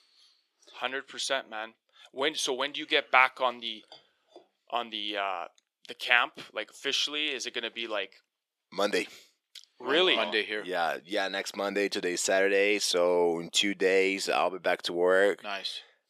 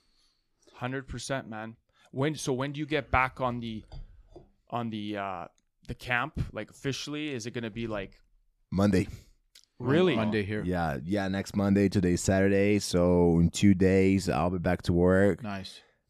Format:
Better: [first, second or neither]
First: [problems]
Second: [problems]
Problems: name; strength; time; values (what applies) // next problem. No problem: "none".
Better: second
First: thin; very; fading below 400 Hz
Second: none